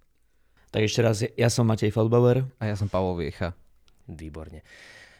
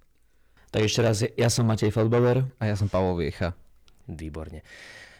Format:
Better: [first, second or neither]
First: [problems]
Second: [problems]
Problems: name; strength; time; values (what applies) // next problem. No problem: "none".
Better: first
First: none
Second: distortion; slight; 10 dB below the speech